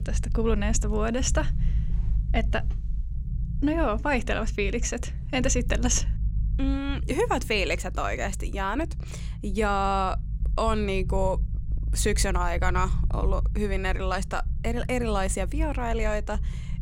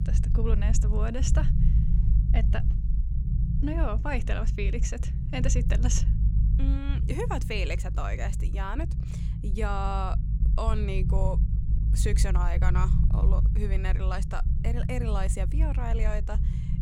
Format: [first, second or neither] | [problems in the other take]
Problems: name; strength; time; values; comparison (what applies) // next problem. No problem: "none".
first | low rumble; loud; throughout; 8 dB below the speech; faint in the first